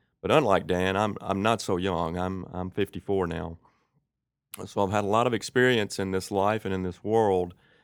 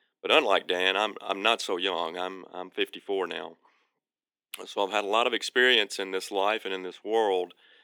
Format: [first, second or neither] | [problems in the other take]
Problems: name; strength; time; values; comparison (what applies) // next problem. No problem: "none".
first | thin; somewhat; fading below 300 Hz